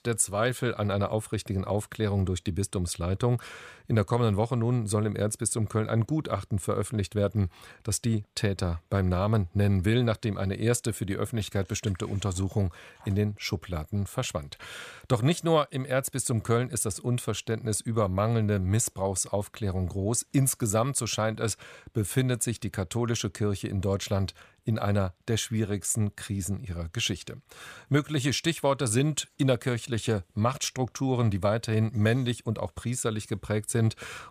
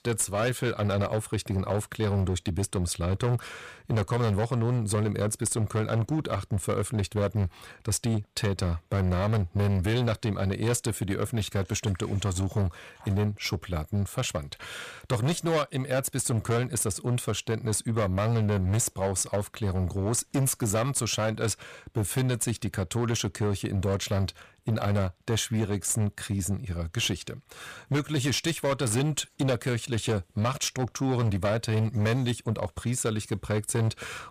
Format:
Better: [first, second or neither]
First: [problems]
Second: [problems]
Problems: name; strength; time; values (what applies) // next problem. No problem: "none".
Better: first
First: none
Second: distortion; slight; 13% of the sound clipped